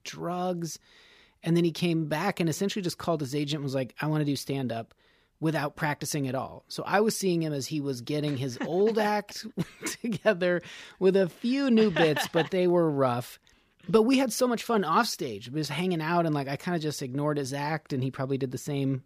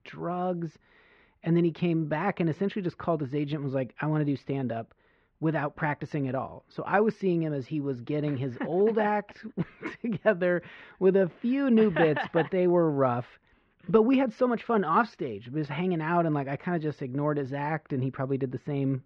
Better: first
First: none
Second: muffled; very; fading above 2.5 kHz

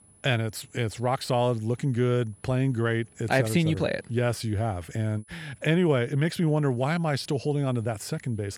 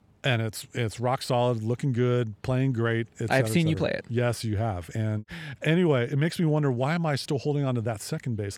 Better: second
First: high-pitched whine; faint; throughout; 10 kHz, 30 dB below the speech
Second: none

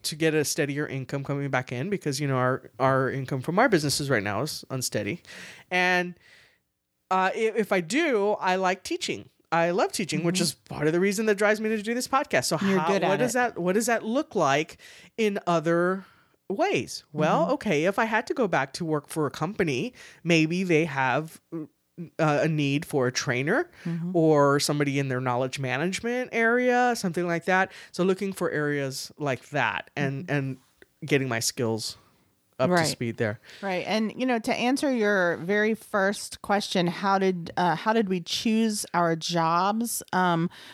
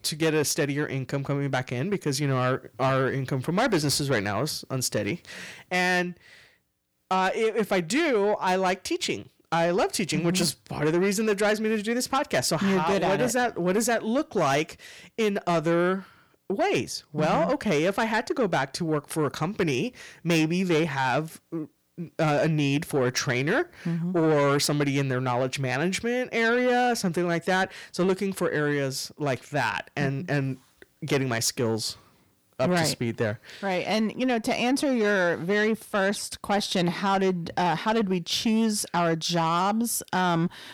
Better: first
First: none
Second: distortion; slight; 10 dB below the speech

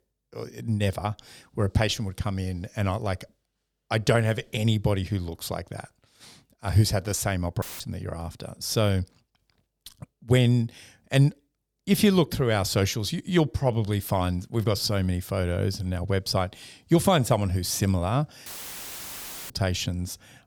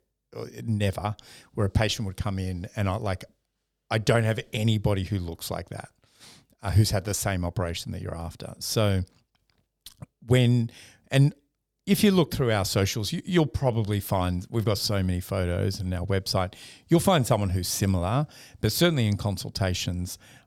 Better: second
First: audio cutting out; filled with static; at 7.5 s and at 18 s for 1 s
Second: none

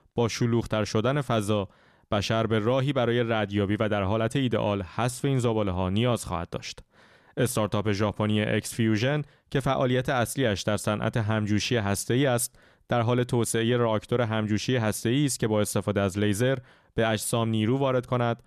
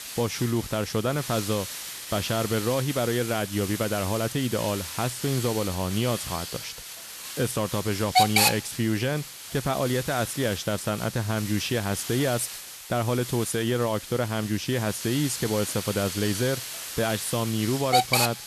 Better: first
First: none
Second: hiss; loud; throughout; 4 dB below the speech

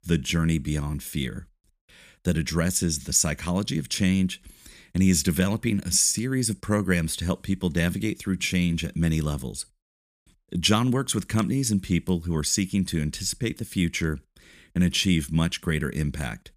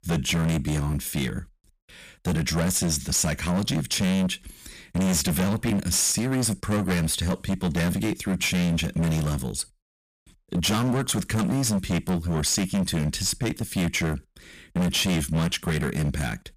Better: first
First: none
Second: distortion; heavy; 20% of the sound clipped

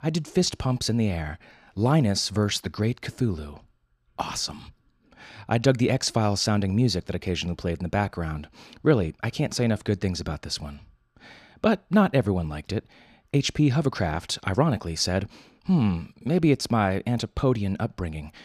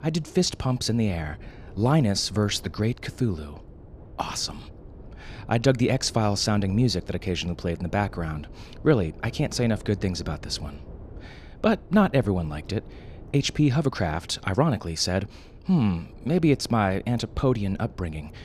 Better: first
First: none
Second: wind noise on the microphone; occasional gusts; 25 dB below the speech

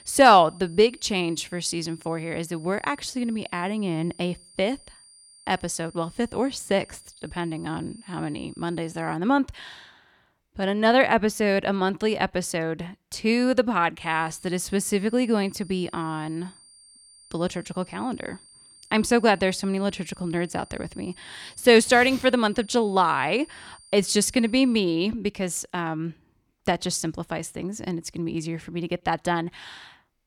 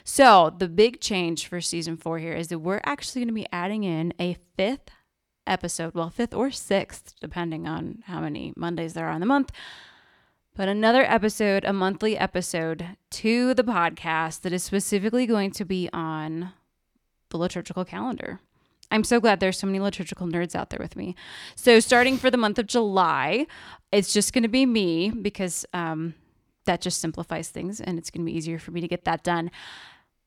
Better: second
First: high-pitched whine; faint; until 9 s and from 14 to 25 s; 9 kHz, 25 dB below the speech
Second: none

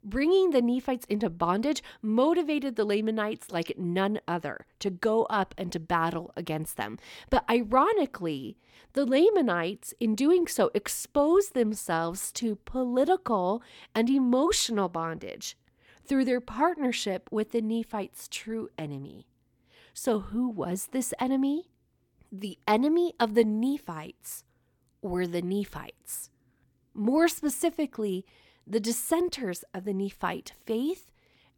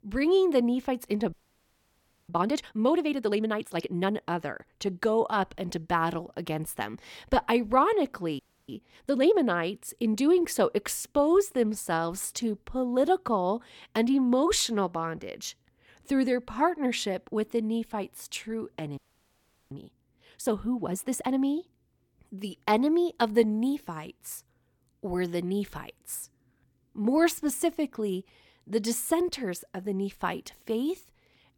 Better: first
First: none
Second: audio freezing; at 1.5 s for 1 s, at 8.5 s and at 19 s for 0.5 s

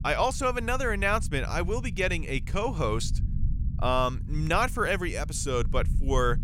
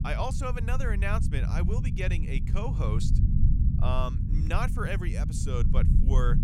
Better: first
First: low rumble; faint; throughout; 20 dB below the speech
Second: low rumble; loud; throughout; 7 dB below the speech

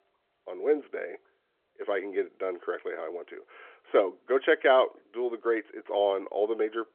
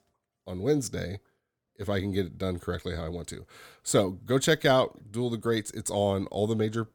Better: second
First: phone-call audio; nothing above 3 kHz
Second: none

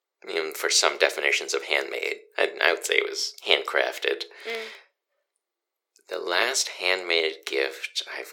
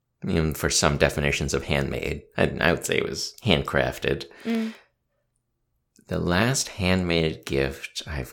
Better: second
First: thin; very; fading below 400 Hz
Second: none

